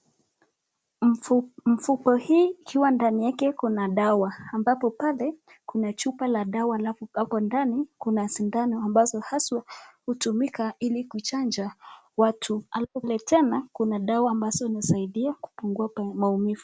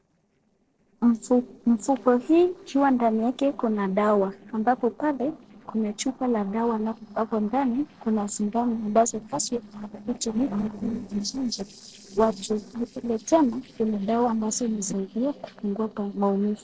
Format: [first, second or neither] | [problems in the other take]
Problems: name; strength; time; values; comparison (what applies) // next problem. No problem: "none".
first | noise reduction (neural separator model SepFormer DNS4)